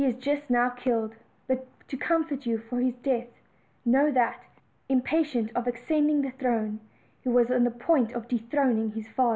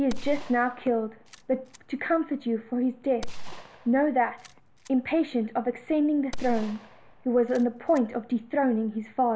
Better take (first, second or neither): first